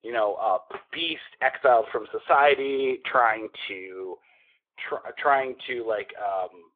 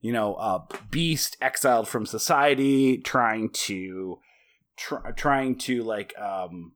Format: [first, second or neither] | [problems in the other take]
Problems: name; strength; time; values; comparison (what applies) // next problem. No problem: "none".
second | phone-call audio; nothing above 3.5 kHz